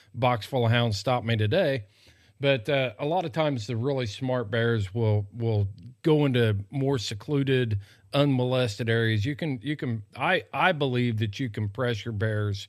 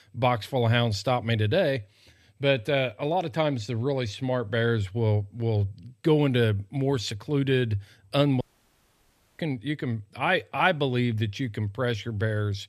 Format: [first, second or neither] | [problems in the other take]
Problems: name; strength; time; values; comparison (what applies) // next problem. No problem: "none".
first | audio cutting out; at 8.5 s for 1 s